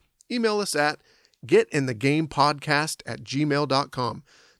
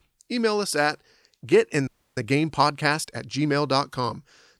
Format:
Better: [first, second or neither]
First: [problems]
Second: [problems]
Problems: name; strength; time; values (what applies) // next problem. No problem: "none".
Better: first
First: none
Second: audio freezing; at 2 s